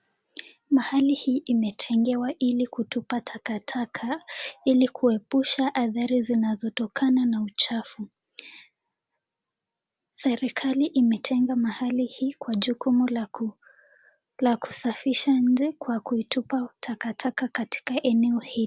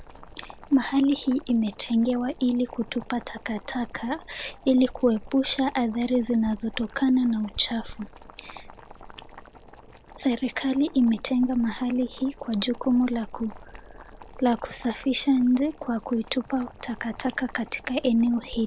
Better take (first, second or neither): first